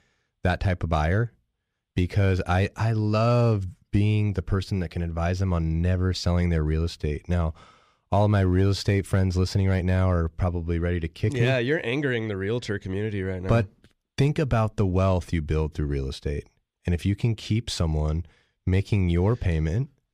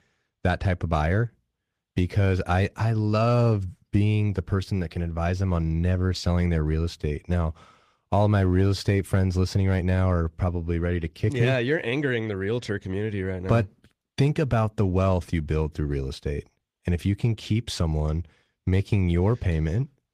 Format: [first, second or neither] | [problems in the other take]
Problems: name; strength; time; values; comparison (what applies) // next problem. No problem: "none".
first | garbled, watery; slightly; nothing above 15 kHz